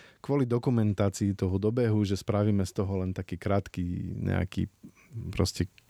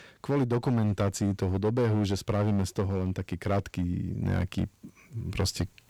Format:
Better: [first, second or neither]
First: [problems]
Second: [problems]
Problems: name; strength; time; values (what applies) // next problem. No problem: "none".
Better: first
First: none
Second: distortion; slight; 8% of the sound clipped